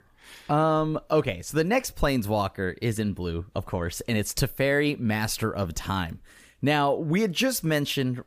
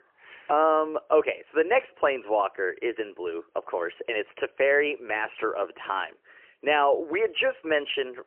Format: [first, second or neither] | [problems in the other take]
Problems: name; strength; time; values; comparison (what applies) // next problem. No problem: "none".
first | phone-call audio; poor line; nothing above 3 kHz